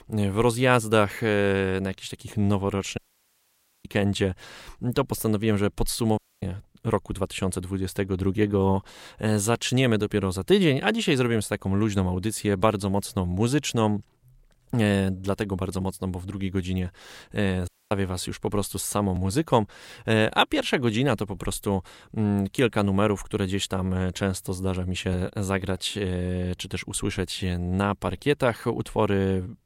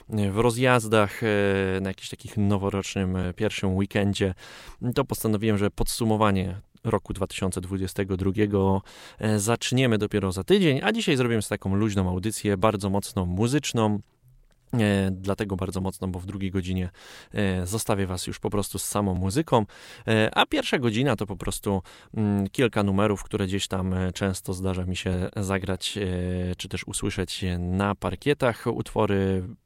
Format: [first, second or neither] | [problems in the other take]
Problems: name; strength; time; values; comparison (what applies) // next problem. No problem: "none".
second | audio cutting out; at 3 s for 1 s, at 6 s and at 18 s